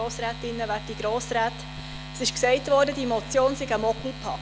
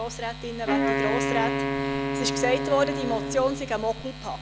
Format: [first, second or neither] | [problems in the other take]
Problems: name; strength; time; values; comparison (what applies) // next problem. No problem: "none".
first | background sound (Wind instrument, woodwind instrument); as loud as the speech